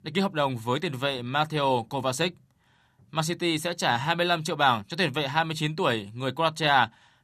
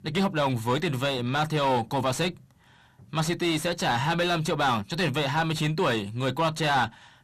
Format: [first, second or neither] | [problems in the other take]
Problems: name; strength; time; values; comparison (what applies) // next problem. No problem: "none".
first | distortion; heavy; 7 dB below the speech